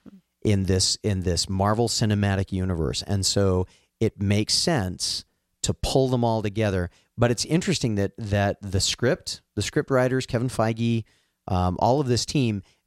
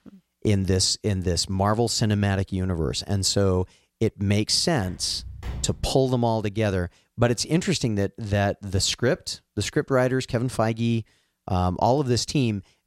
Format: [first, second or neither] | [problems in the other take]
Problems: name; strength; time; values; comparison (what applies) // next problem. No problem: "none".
first | footsteps; faint; from 5 to 6 s; peak 10 dB below the speech